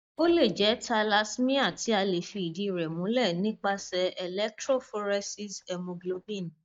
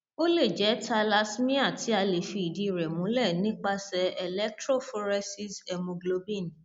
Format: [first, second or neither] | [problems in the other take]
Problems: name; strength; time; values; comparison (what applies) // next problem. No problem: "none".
second | noise reduction (neural mask model DeepFilterNet 3)